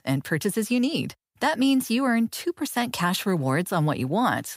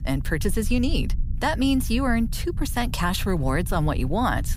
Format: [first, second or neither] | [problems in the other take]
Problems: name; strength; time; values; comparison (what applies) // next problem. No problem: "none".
first | low rumble; faint; throughout; 20 dB below the speech